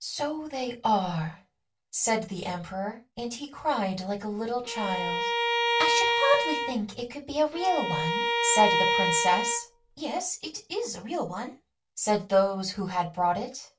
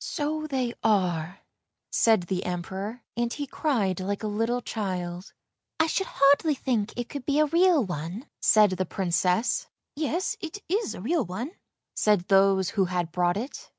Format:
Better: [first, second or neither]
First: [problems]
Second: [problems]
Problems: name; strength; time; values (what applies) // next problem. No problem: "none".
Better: second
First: background sound (Bowed string instrument); 2 dB above the speech // room echo; dies away in 0.2 s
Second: none